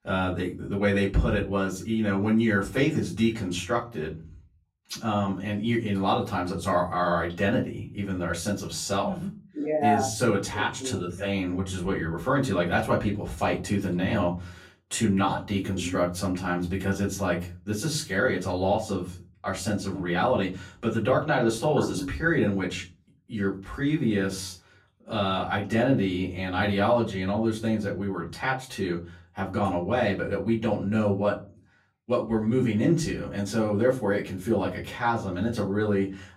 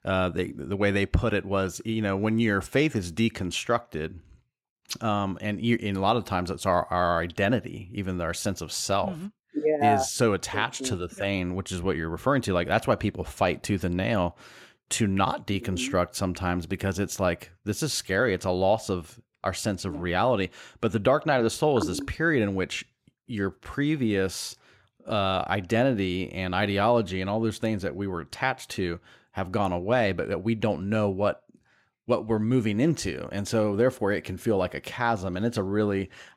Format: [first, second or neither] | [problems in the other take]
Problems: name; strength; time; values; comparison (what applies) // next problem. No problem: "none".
second | off-mic speech; far // room echo; very slight; dies away in 0.3 s